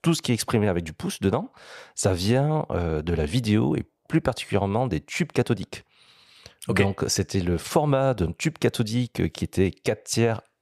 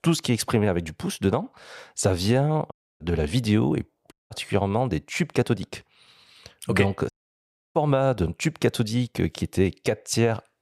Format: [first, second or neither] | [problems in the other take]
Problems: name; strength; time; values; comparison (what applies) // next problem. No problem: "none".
first | audio cutting out; at 2.5 s, at 4 s and at 7 s for 0.5 s